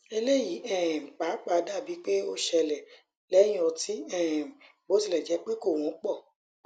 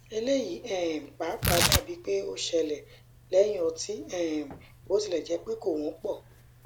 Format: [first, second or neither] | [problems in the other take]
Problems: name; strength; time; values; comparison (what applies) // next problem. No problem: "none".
first | background sound (Tearing); 5 dB below the speech